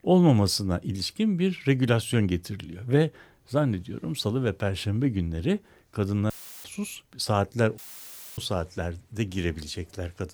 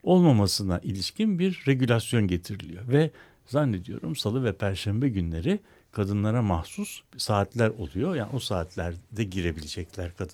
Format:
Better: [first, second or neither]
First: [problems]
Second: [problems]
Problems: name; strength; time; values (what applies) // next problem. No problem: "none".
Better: second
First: audio cutting out; filled with static; at 6.5 s and at 8 s for 0.5 s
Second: none